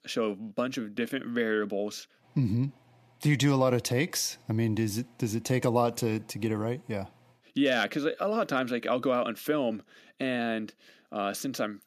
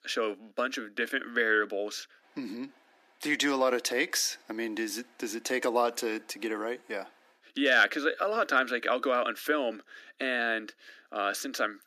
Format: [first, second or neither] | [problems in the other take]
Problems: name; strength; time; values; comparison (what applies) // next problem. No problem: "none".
first | thin; somewhat; fading below 300 Hz